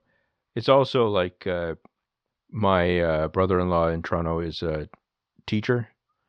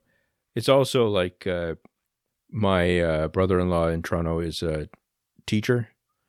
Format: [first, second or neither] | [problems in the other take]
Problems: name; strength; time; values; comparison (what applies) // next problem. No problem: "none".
second | muffled; very slightly; fading above 4.5 kHz